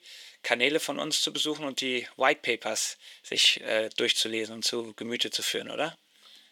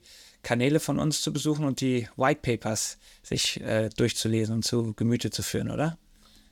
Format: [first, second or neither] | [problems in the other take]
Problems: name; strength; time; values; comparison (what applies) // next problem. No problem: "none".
second | thin; somewhat; fading below 450 Hz